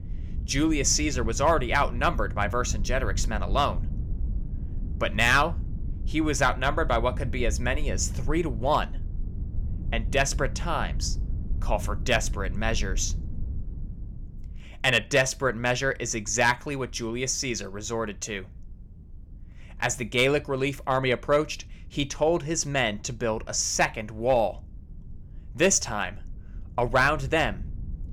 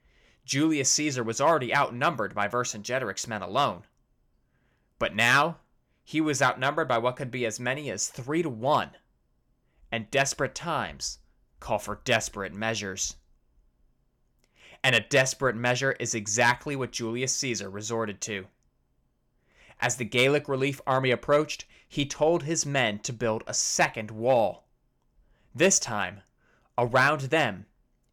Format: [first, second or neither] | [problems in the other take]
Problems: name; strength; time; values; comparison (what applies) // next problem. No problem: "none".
second | low rumble; faint; throughout; 25 dB below the speech